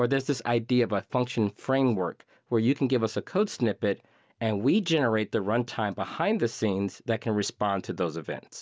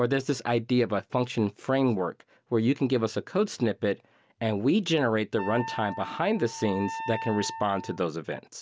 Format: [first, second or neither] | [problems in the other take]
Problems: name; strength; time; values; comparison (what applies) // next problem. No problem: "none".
first | background sound (Wind instrument, woodwind instrument); 10 dB below the speech